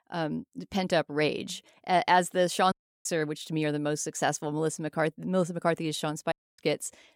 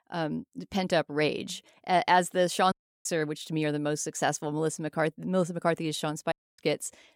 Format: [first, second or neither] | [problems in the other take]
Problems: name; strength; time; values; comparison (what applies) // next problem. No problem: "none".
neither | audio cutting out; at 2.5 s and at 6.5 s; the same in both